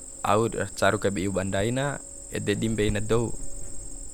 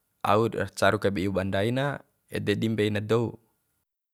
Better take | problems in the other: second | background sound (Cricket); 7 dB below the speech

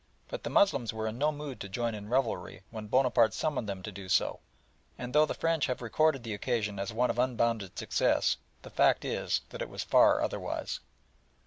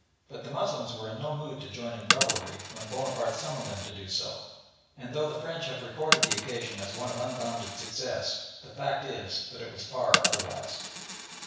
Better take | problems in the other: first | background sound (Coin (dropping)); as loud as the speech // room echo; dies away in 1.1 s

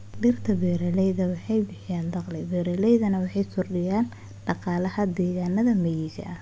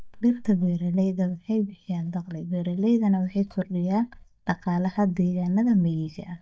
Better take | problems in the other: first | noise reduction (neural mask model DeepFilterNet 3)

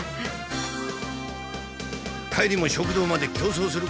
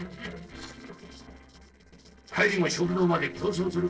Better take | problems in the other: first | noise reduction (neural separator model SepFormer DNS4)

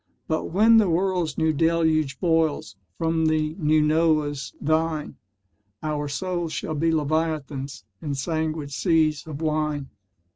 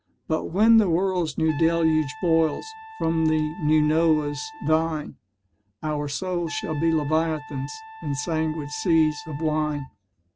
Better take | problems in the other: first | background sound (Trumpet); 17 dB below the speech

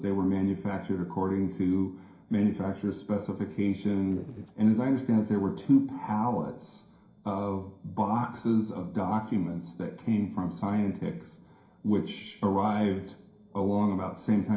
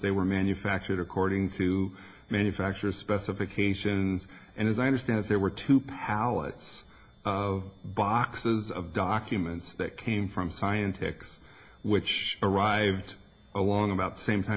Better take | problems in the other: second | noise reduction (neural separator model SepFormer DNS4)

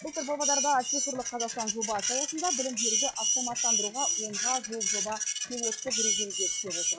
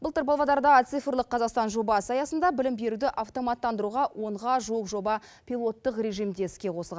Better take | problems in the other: second | noise reduction (classical method log-MMSE)

